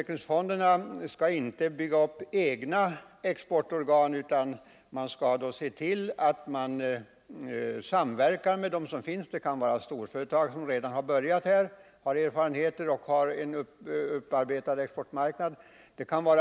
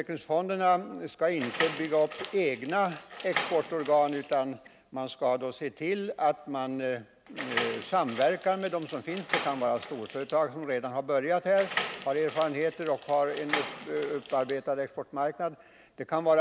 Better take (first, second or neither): first